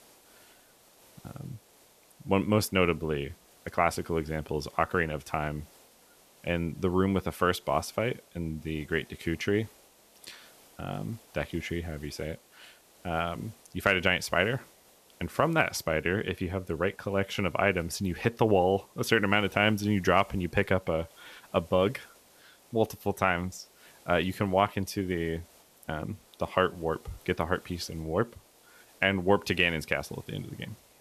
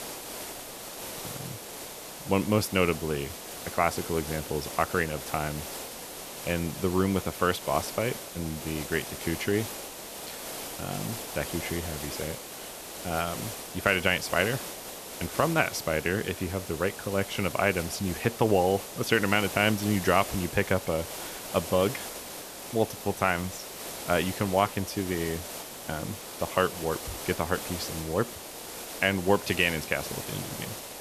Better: first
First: hiss; faint; throughout; 25 dB below the speech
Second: hiss; loud; throughout; 8 dB below the speech

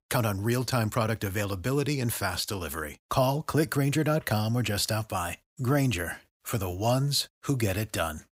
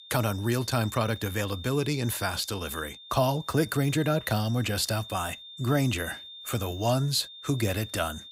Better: first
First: none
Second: high-pitched whine; noticeable; throughout; 3.5 kHz, 15 dB below the speech

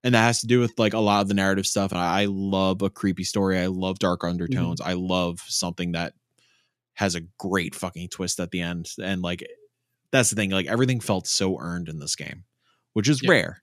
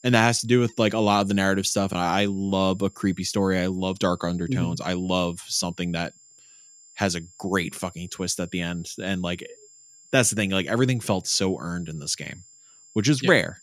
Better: first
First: none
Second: high-pitched whine; faint; throughout; 7.5 kHz, 25 dB below the speech

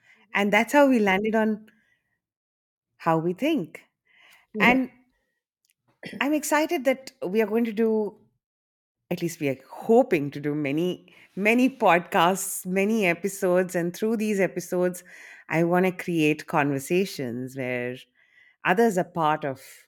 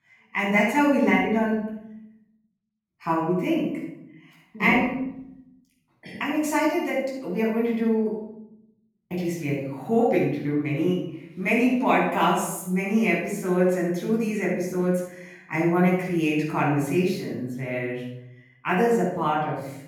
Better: first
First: none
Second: off-mic speech; far // room echo; noticeable; dies away in 0.8 s

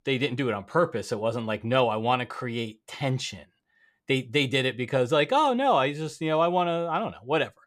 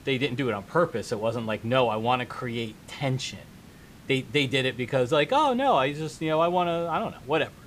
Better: first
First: none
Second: hiss; faint; throughout; 25 dB below the speech

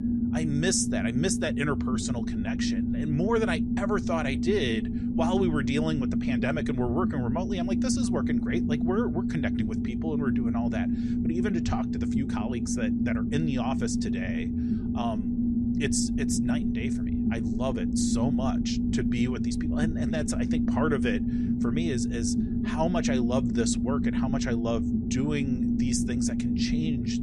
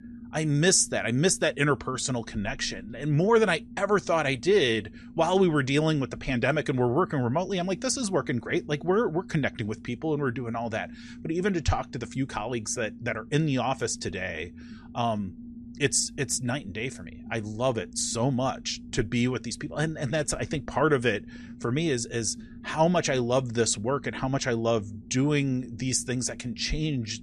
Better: second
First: low rumble; loud; throughout; 1 dB below the speech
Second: low rumble; faint; throughout; 25 dB below the speech

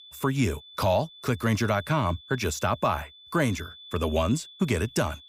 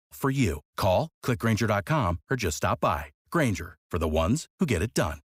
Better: second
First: high-pitched whine; noticeable; throughout; 3.5 kHz, 20 dB below the speech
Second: none

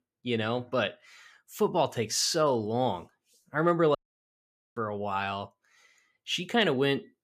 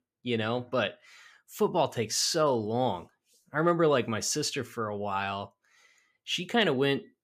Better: second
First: audio cutting out; at 4 s for 1 s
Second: none

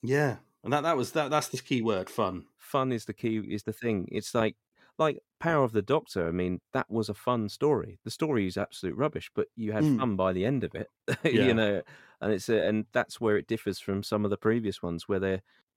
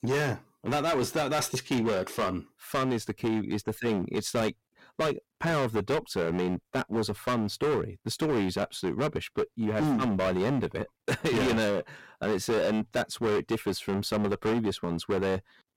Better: first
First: none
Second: distortion; heavy; 18% of the sound clipped

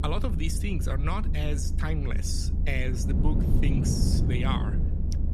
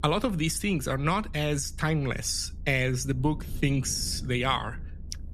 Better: second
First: low rumble; loud; throughout; 5 dB below the speech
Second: low rumble; faint; throughout; 25 dB below the speech

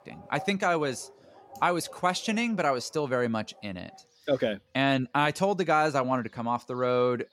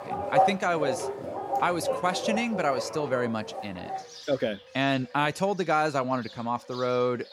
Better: first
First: animal sounds; faint; throughout; 25 dB below the speech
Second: animal sounds; loud; throughout; 3 dB below the speech

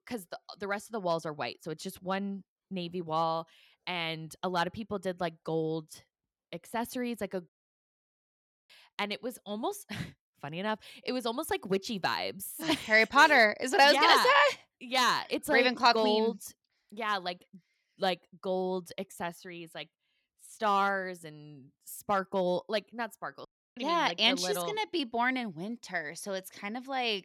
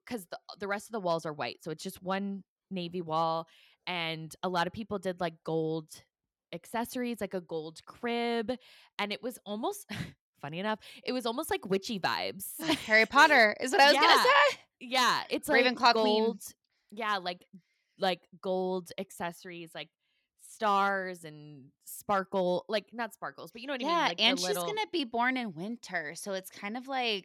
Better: second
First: audio cutting out; at 7.5 s for 1 s and at 23 s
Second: none

